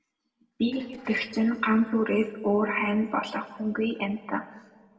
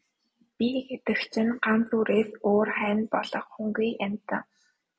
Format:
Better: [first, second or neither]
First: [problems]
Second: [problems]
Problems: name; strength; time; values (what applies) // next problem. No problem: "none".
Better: second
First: noise reduction (neural separator model SepFormer DNS4)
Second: none